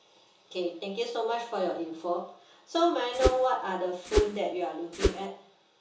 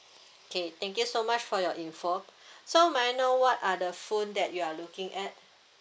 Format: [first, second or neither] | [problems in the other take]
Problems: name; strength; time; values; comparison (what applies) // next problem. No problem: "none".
second | background sound (Whoosh, swoosh, swish); 3 dB above the speech // room echo; dies away in 1.2 s